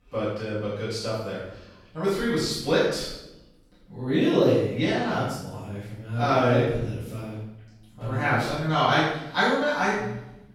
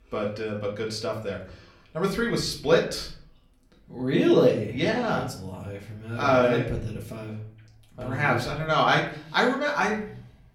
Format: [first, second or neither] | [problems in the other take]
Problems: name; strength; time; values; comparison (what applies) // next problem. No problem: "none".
second | room echo; strong; dies away in 0.7 s; slight in the second // off-mic speech; far; far in the second